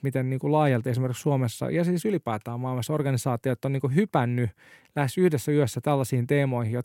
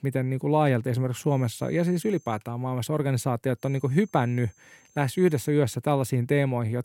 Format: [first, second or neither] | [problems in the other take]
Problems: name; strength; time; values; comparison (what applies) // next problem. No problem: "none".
first | high-pitched whine; faint; from 1.5 to 2.5 s and from 3.5 to 5.5 s; 6.5 kHz, 30 dB below the speech